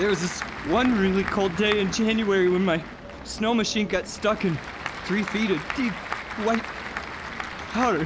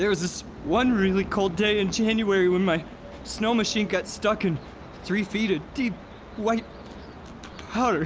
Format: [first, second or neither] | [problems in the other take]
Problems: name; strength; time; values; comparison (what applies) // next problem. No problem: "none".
second | background sound (Applause / Crowd); 11 dB below the speech